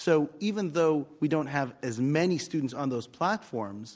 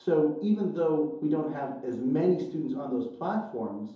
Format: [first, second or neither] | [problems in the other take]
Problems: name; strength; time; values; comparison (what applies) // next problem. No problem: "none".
first | room echo; dies away in 2.8 s